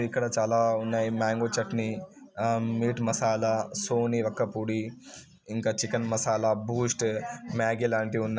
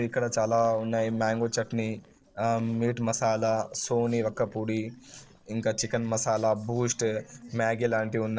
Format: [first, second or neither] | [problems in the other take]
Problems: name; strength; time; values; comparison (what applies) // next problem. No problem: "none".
first | noise reduction (neural separator model SepFormer DNS4)